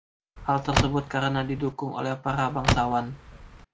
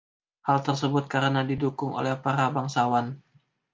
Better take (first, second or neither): second